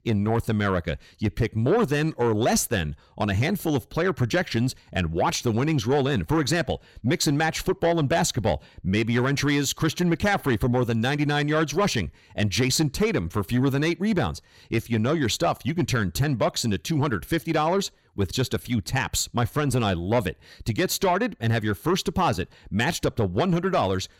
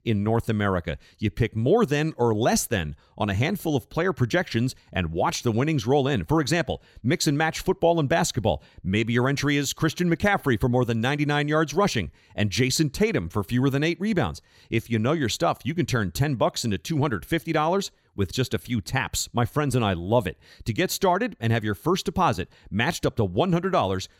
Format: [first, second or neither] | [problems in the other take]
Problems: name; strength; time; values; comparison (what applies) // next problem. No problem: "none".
second | distortion; slight; 10 dB below the speech